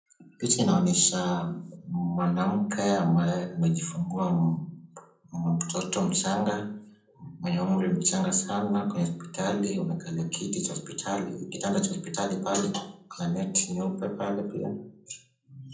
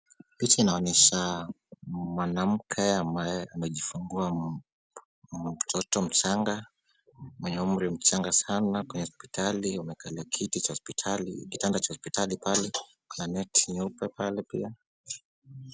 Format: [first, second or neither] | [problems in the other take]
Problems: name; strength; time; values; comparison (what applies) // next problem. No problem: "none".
second | room echo; dies away in 0.6 s